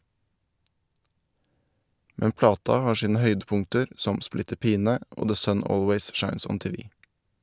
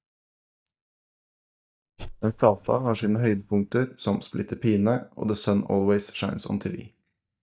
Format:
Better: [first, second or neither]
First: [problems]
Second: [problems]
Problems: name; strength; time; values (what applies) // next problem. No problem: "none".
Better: first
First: none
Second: noise reduction (neural mask model DeepFilterNet 3)